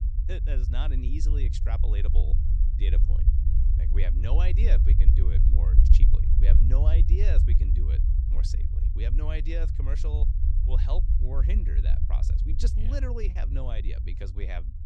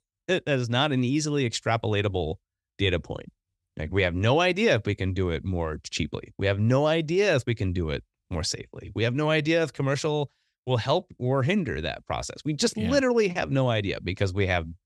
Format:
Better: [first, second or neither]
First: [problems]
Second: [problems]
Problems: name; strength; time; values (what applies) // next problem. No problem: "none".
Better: second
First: low rumble; loud; throughout; 3 dB below the speech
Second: none